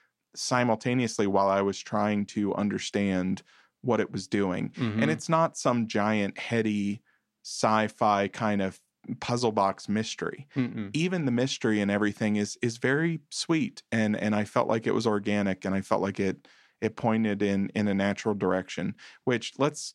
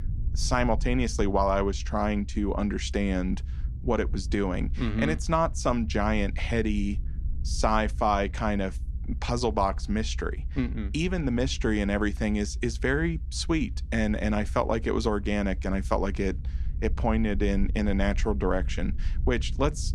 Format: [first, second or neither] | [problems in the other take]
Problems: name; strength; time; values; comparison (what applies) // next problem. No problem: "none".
first | low rumble; faint; throughout; 25 dB below the speech